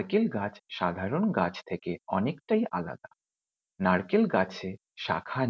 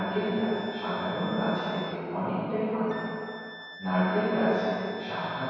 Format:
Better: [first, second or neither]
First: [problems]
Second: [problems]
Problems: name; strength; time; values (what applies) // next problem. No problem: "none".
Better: first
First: none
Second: background sound (Wind instrument, woodwind instrument); 15 dB below the speech // room echo; dies away in 2.2 s